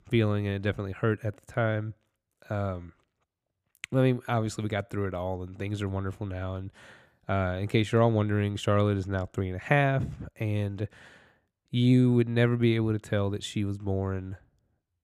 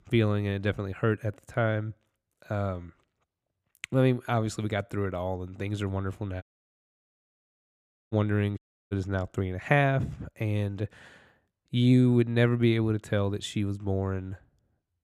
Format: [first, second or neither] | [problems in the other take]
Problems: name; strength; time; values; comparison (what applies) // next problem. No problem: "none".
first | audio cutting out; at 6.5 s for 1.5 s and at 8.5 s